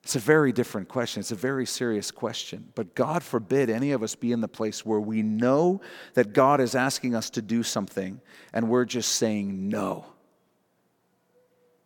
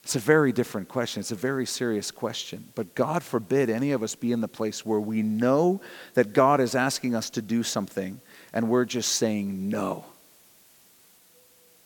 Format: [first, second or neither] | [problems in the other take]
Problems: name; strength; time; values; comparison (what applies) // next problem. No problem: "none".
first | hiss; faint; throughout; 30 dB below the speech